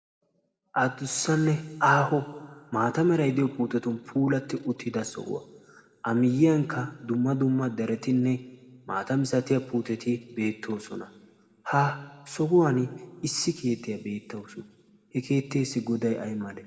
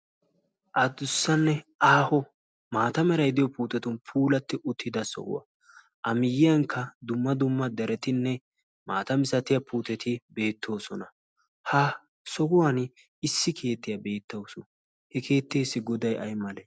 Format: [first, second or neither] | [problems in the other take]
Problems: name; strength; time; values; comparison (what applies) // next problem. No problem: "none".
second | room echo; dies away in 1.2 s